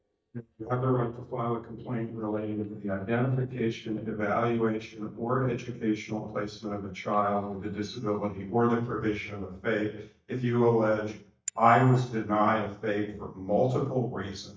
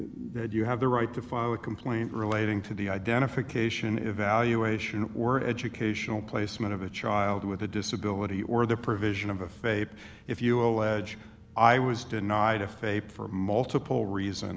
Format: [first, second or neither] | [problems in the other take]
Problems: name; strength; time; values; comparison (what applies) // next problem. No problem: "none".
second | noise reduction (neural mask model DeepFilterNet 3)